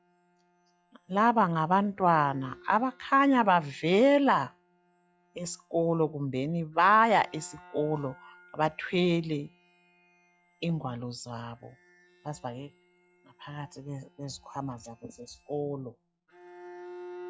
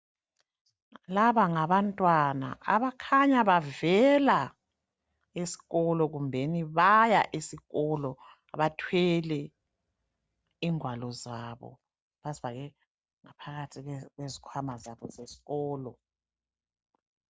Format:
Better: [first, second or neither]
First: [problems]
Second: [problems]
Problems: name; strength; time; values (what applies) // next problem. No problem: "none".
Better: second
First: noise reduction (classical method log-MMSE)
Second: none